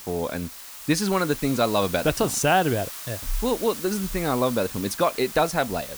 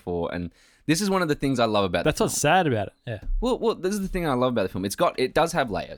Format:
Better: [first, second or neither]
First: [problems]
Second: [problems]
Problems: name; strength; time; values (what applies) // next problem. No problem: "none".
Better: second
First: hiss; noticeable; throughout; 10 dB below the speech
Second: none